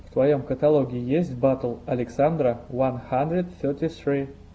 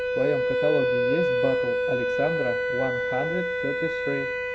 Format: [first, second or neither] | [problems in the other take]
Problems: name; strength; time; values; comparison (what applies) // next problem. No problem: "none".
first | background sound (Wind instrument, woodwind instrument); 4 dB above the speech